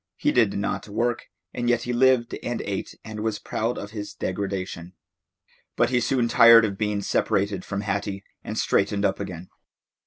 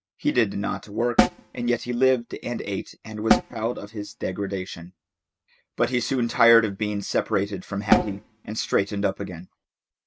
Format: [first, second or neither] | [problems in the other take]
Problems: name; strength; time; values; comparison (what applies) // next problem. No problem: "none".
first | noise reduction (neural mask model RNNoise)